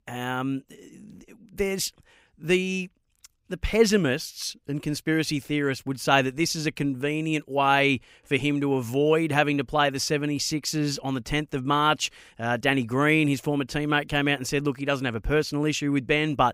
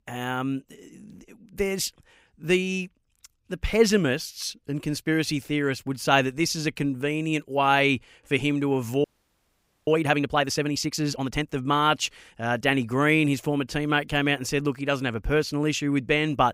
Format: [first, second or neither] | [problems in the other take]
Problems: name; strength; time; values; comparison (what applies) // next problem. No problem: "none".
first | audio freezing; at 9 s for 1 s